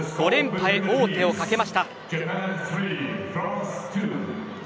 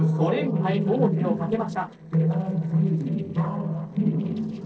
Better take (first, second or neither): first